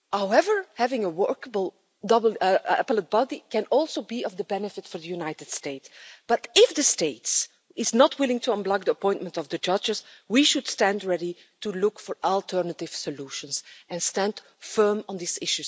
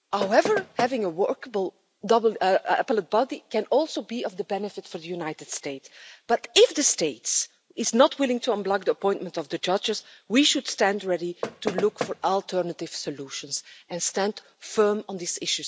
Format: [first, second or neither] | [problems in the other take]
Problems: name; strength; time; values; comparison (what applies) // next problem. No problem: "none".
first | background sound (Knock); 7 dB below the speech